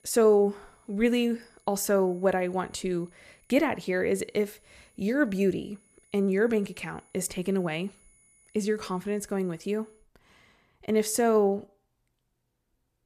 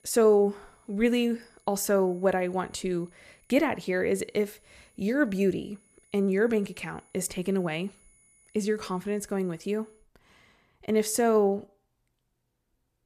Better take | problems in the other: neither | high-pitched whine; faint; until 10 s; 10 kHz, 35 dB below the speech; the same in both

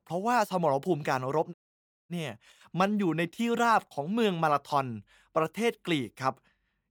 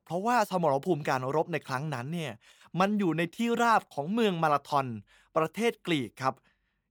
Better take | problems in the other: second | audio cutting out; at 1.5 s for 0.5 s

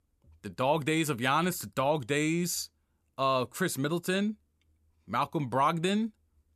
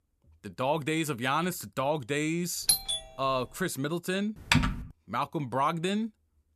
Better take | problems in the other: first | doorbell; loud; at 2.5 s; peak 6 dB above the speech // keyboard typing; loud; at 4.5 s; peak 5 dB above the speech

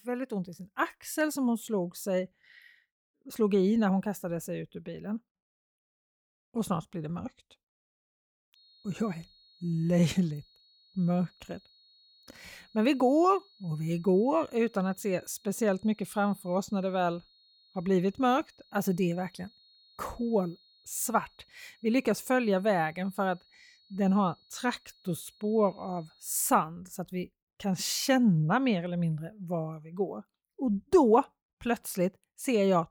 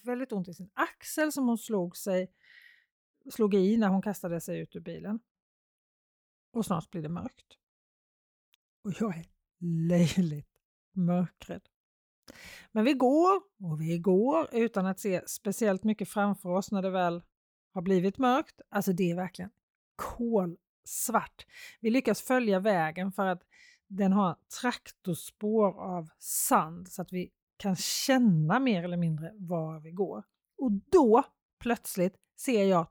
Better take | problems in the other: second | high-pitched whine; faint; from 8.5 to 26 s; 4.5 kHz, 30 dB below the speech

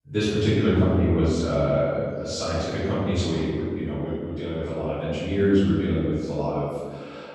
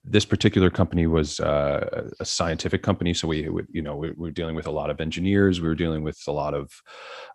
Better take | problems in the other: second | off-mic speech; far // room echo; strong; dies away in 1.8 s

